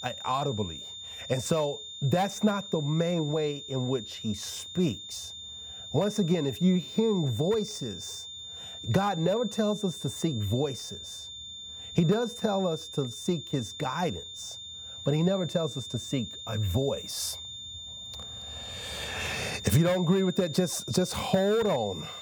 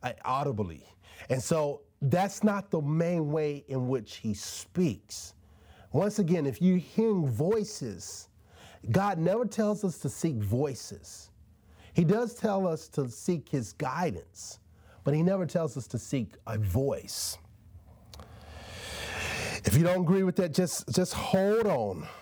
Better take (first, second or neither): second